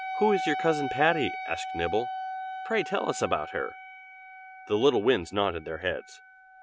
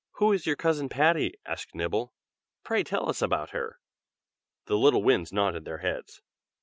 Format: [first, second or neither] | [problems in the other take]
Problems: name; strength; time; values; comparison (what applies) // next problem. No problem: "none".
second | background sound (Wind instrument, woodwind instrument); 8 dB below the speech